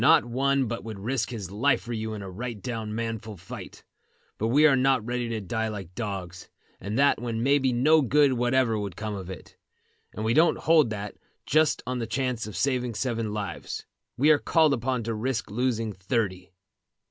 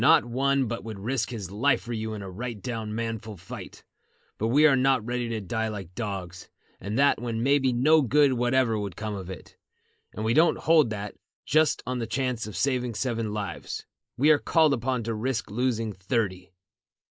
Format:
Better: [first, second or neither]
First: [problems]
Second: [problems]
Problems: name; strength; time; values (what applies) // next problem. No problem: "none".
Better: first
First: none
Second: noise reduction (neural mask model Resemble Enhance denoiser)